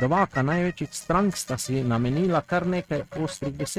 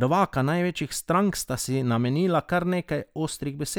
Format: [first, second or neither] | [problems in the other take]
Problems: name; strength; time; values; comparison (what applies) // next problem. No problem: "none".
second | noise reduction (neural mask model RNNoise)